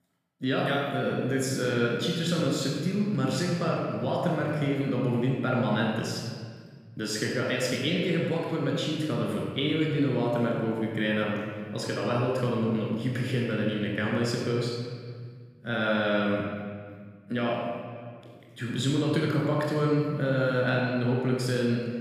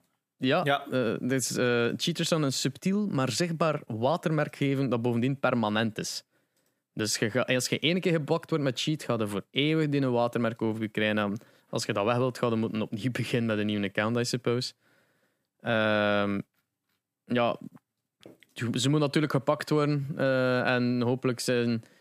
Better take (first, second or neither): second